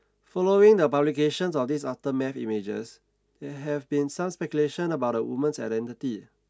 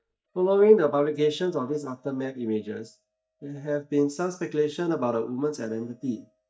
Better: first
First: none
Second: noise reduction (neural mask model DeepFilterNet 3)

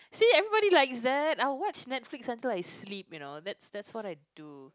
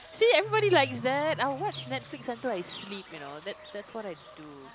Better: first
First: none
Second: background sound (Bird / Fowl); 15 dB below the speech

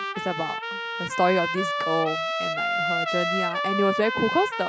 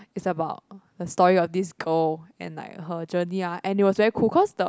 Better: second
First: background sound (Trumpet); 1 dB below the speech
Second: none

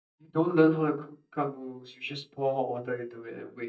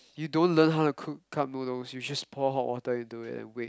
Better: second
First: noise reduction (neural mask model DeepFilterNet 3)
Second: none

